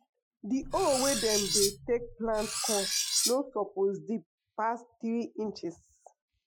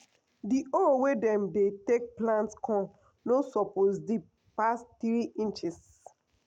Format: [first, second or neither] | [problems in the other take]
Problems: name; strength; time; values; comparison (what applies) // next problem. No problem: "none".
second | noise reduction (classical method Wiener filter)